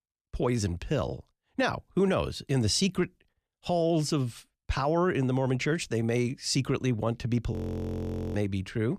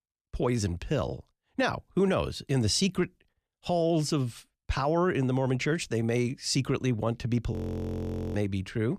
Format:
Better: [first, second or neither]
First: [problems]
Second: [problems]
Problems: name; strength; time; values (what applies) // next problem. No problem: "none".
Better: neither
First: audio freezing; at 7.5 s for 1 s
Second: audio freezing; at 7.5 s for 1 s